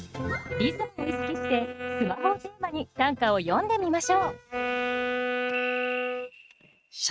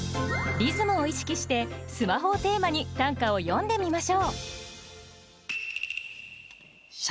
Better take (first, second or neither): second